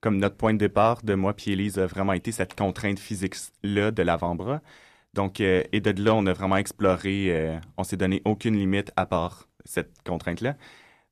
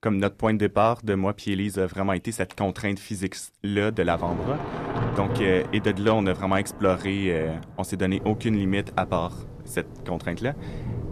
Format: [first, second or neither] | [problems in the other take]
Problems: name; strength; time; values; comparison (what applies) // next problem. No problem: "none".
first | rain or running water; loud; from 4.5 s on; 9 dB below the speech